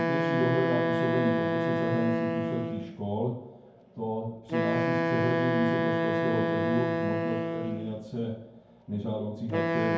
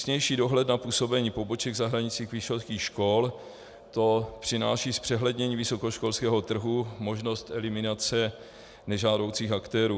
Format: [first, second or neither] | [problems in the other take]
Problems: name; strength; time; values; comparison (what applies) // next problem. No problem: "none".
second | background sound (Wind instrument, woodwind instrument); 2 dB above the speech // room echo; dies away in 0.9 s